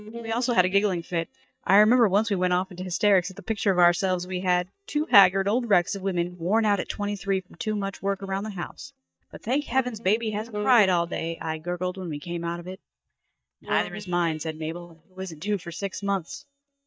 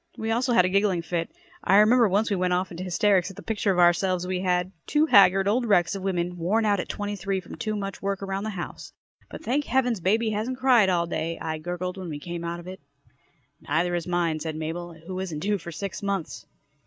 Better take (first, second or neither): second